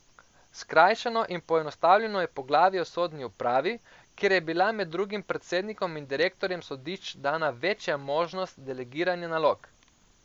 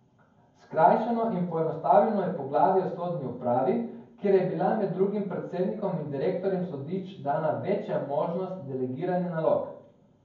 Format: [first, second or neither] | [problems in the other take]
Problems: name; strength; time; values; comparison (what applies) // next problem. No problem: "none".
first | room echo; dies away in 0.9 s